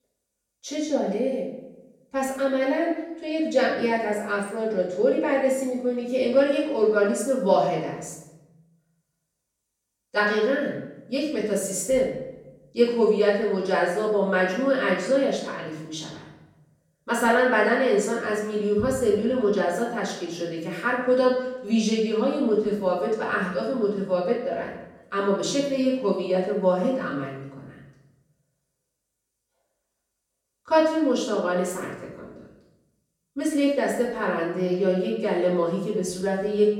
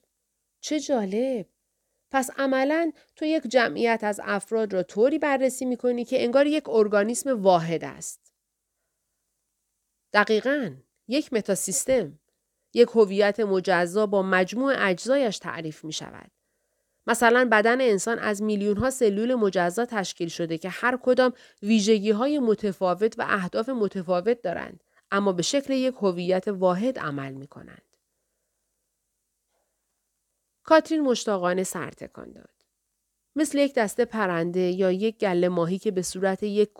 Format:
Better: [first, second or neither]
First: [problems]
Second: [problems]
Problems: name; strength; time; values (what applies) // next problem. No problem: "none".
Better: second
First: off-mic speech; far // room echo; noticeable; dies away in 0.8 s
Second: none